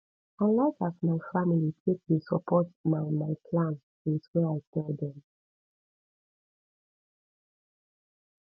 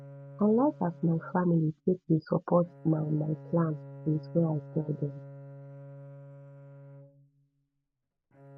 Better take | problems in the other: first | background sound (Bowed string instrument); 17 dB below the speech

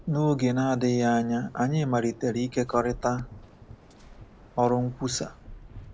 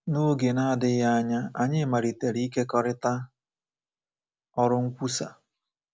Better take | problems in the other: second | background sound (Waves, surf); 19 dB below the speech

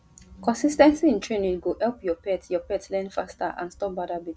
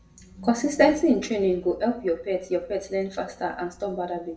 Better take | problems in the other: first | room echo; dies away in 0.4 s

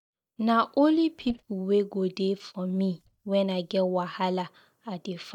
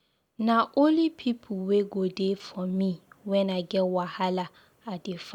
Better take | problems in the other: second | noise reduction (neural mask model DeepFilterNet 3)

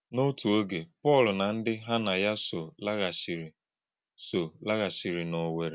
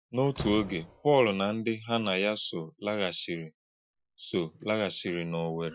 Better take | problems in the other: first | noise reduction (classical method Wiener filter)

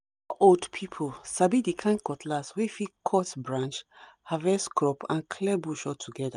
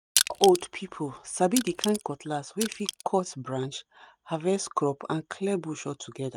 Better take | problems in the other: first | noise reduction (neural mask model RNNoise)

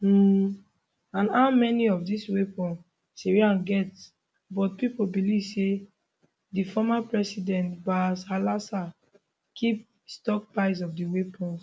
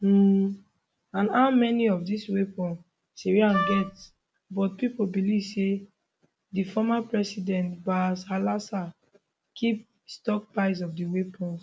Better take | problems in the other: first | background sound (Wind instrument, woodwind instrument); 4 dB below the speech

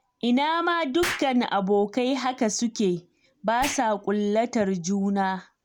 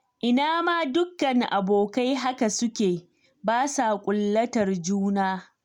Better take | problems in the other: second | background sound (Explosion); 16 dB below the speech

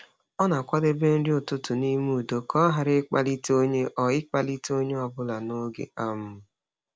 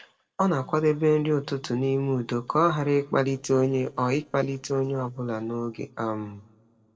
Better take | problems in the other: first | noise reduction (neural separator model SepFormer DNS4)

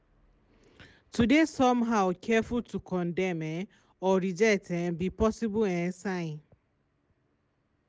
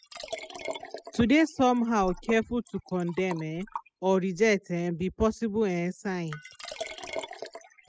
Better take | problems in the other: first | noise reduction (classical method spectral subtraction)

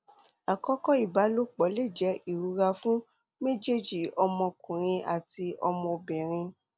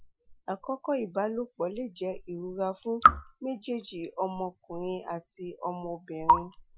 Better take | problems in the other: first | noise reduction (classical method Wiener filter)

